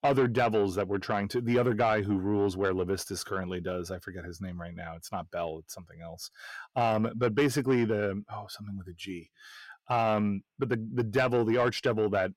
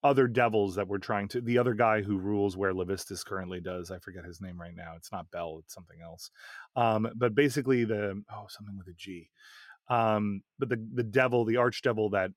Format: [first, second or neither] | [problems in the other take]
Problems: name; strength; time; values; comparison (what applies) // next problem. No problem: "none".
second | distortion; slight; 10 dB below the speech